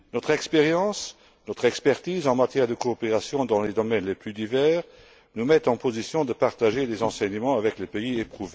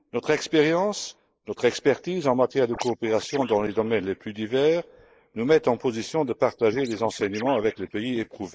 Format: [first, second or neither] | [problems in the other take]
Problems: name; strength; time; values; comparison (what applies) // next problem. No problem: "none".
first | noise reduction (neural mask model Resemble Enhance denoiser)